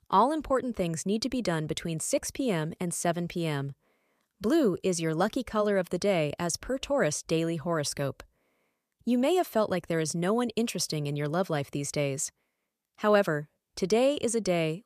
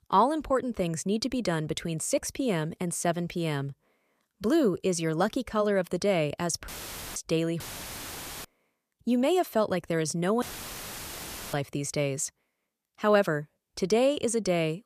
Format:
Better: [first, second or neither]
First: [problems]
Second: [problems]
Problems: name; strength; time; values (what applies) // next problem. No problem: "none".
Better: first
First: none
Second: audio cutting out; filled with static; at 6.5 s, at 7.5 s for 1 s and at 10 s for 1 s